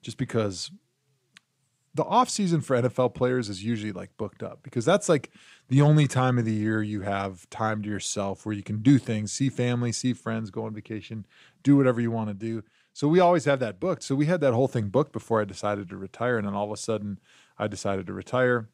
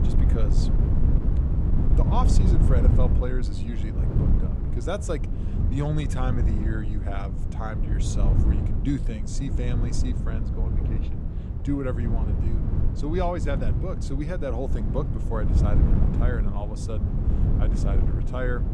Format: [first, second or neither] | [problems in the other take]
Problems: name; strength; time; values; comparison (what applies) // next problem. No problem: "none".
first | wind noise on the microphone; heavy; 3 dB below the speech